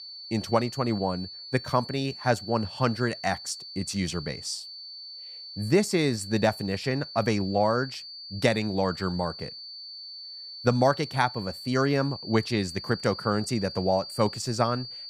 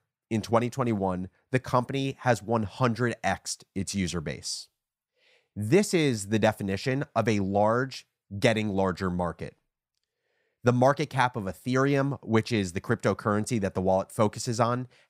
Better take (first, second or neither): second